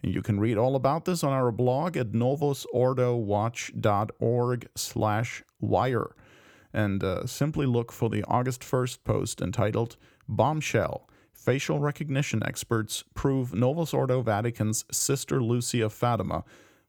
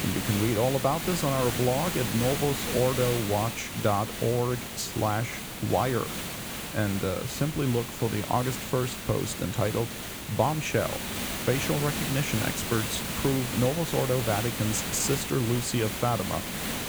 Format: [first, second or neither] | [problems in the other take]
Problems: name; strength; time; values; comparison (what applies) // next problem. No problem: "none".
first | hiss; loud; throughout; 4 dB below the speech